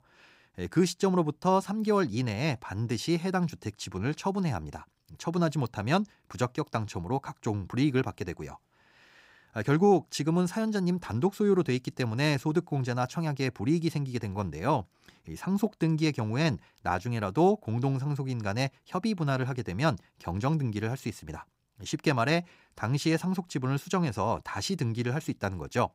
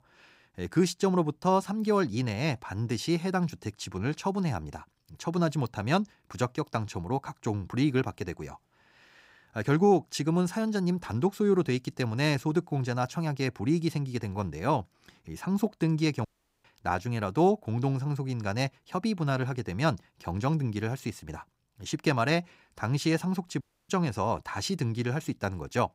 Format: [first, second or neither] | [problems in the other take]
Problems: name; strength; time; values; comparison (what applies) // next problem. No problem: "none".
first | audio cutting out; at 16 s and at 24 s